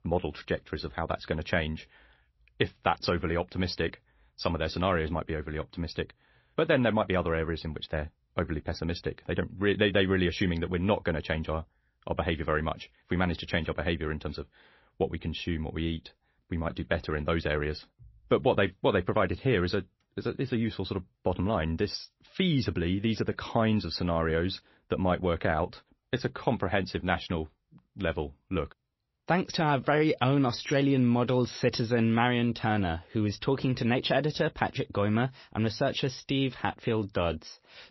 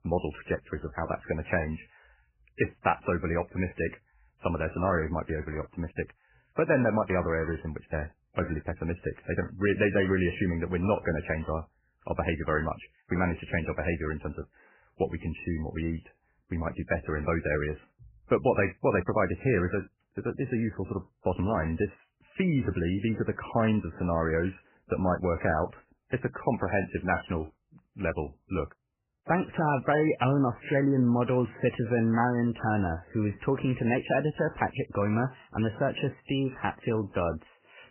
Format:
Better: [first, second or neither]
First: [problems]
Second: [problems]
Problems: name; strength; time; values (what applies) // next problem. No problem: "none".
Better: first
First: garbled, watery; slightly; nothing above 5.5 kHz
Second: garbled, watery; badly; nothing above 3 kHz